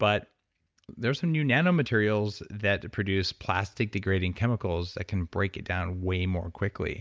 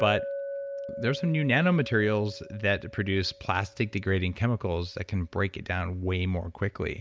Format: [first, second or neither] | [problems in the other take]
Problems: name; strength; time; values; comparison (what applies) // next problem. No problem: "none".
first | background sound (Chink, clink); 13 dB below the speech